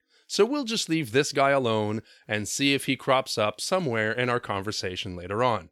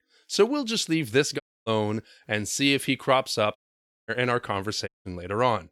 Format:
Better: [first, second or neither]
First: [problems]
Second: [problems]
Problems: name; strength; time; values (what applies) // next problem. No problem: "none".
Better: first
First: none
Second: audio cutting out; at 1.5 s, at 3.5 s for 0.5 s and at 5 s